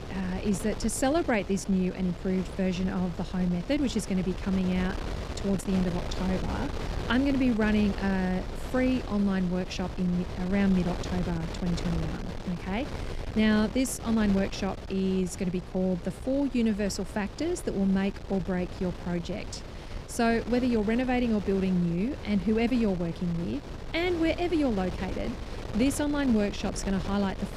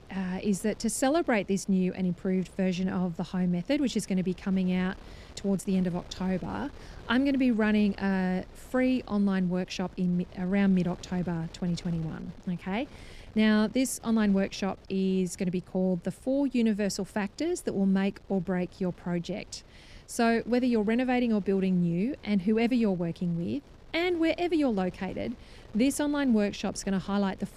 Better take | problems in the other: second | wind noise on the microphone; heavy; 10 dB below the speech; occasional gusts in the second

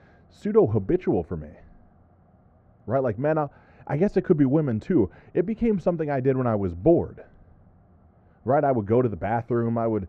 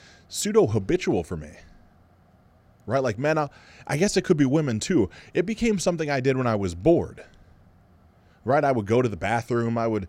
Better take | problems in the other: second | muffled; very; fading above 3 kHz

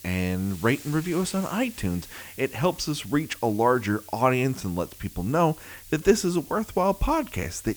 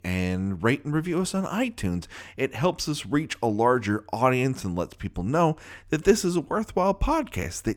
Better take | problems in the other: second | hiss; noticeable; throughout; 15 dB below the speech

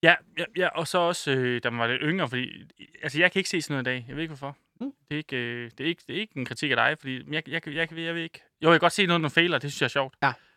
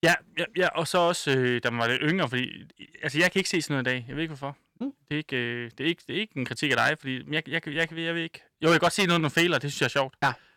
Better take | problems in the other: first | distortion; slight; 2% of the sound clipped

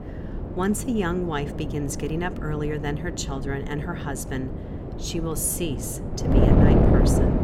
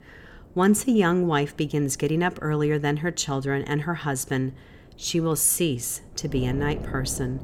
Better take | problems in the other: second | wind noise on the microphone; heavy; as loud as the speech; occasional gusts in the second

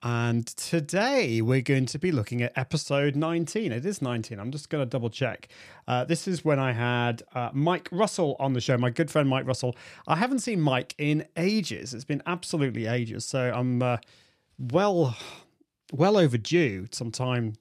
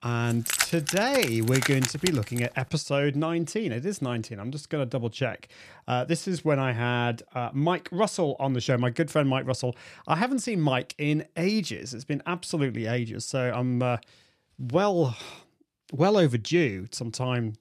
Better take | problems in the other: first | jangling keys; loud; until 2.5 s; peak 1 dB above the speech

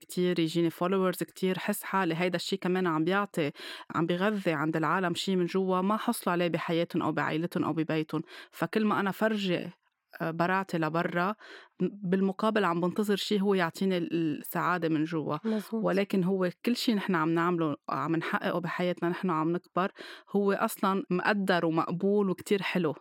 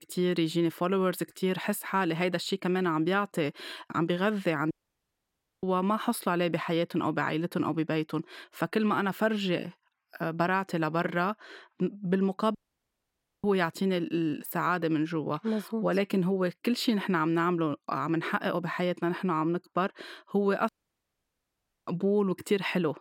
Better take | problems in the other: first | audio cutting out; at 4.5 s for 1 s, at 13 s for 1 s and at 21 s for 1 s

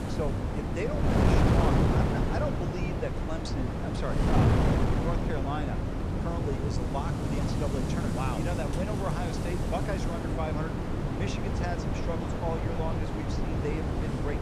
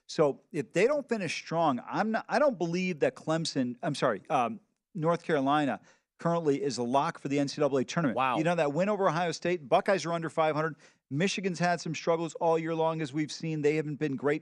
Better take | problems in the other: second | wind noise on the microphone; heavy; 2 dB above the speech

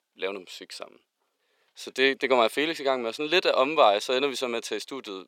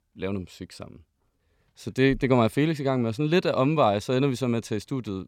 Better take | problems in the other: second | thin; somewhat; fading below 400 Hz

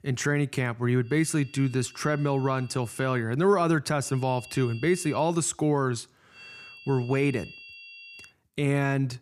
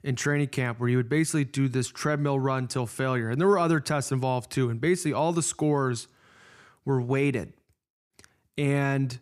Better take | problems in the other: second | high-pitched whine; noticeable; from 1 to 3 s, from 4 to 5.5 s and from 6.5 to 8.5 s; 2.5 kHz, 20 dB below the speech

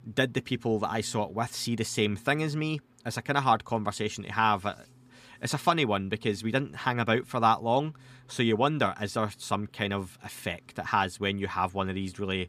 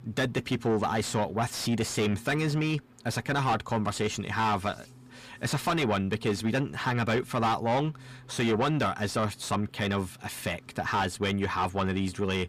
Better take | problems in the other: first | distortion; heavy; 6 dB below the speech

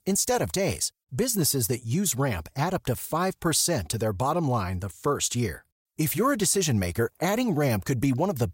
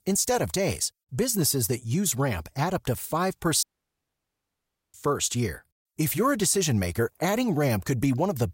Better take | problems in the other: first | audio cutting out; at 3.5 s for 1.5 s

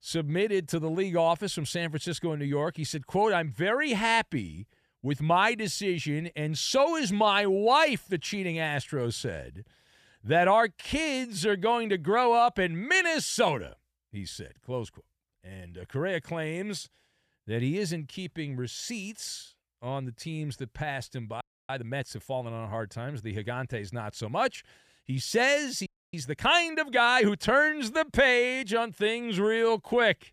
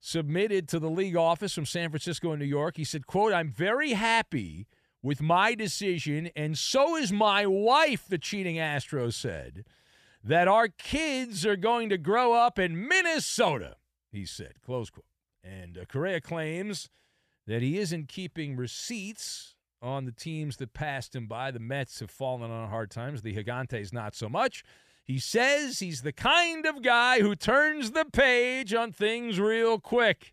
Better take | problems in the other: second | audio freezing; at 21 s and at 26 s

